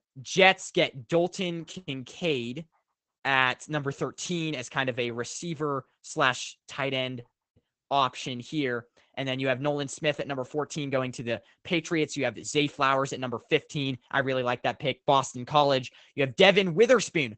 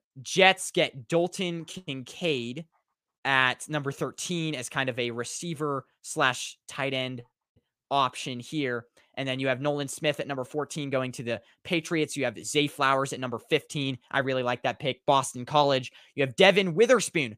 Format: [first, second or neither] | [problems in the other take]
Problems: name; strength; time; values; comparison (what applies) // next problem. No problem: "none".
second | garbled, watery; badly; nothing above 8 kHz